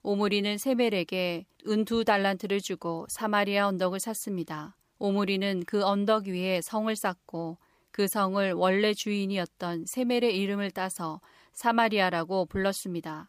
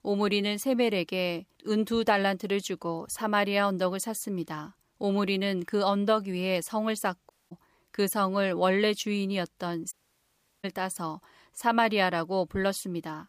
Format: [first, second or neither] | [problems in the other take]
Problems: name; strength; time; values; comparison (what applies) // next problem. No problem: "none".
first | audio cutting out; at 7.5 s and at 10 s for 0.5 s